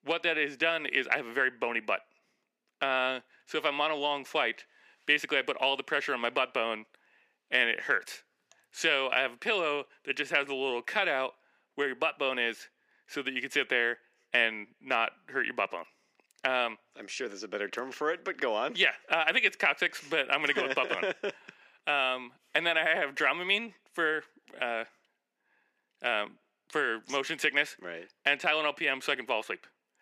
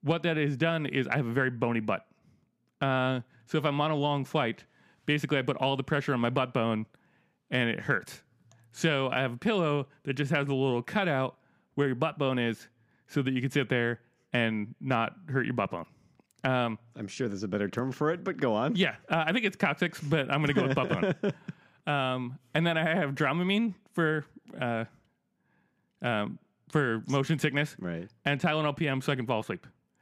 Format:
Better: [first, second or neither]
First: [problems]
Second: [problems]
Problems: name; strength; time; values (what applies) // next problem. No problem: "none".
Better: second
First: thin; very; fading below 400 Hz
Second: none